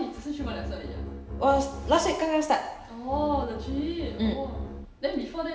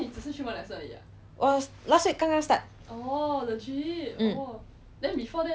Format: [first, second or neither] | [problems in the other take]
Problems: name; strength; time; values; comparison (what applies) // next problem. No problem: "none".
second | background sound (Bowed string instrument); 7 dB below the speech // room echo; dies away in 0.9 s